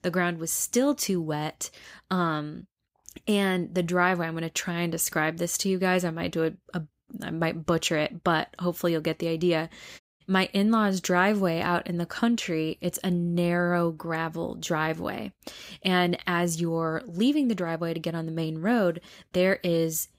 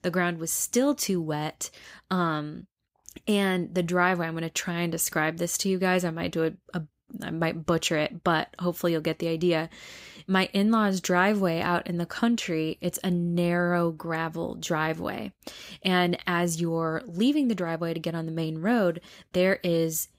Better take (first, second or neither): second